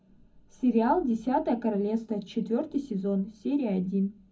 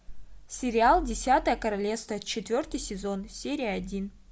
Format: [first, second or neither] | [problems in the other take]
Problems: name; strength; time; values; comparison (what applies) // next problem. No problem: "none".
second | room echo; dies away in 0.4 s